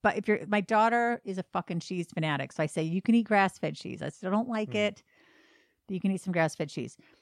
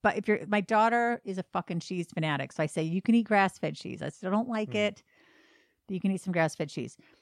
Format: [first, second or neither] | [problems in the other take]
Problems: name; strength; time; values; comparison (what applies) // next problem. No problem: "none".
neither | none